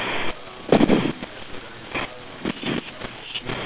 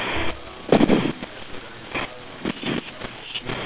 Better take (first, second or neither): first